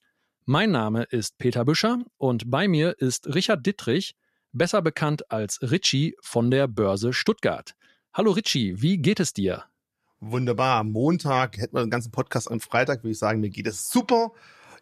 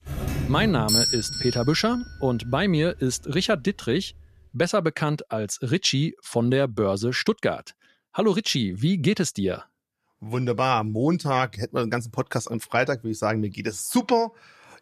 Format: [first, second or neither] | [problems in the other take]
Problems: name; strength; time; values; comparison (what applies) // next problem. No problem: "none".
first | doorbell; loud; until 2.5 s; peak 5 dB above the speech